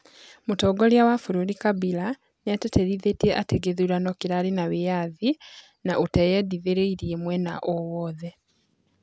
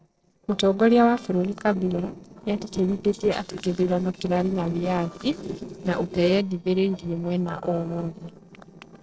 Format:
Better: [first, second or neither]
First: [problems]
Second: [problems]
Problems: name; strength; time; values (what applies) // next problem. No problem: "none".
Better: first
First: none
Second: noise reduction (neural separator model SepFormer DNS4)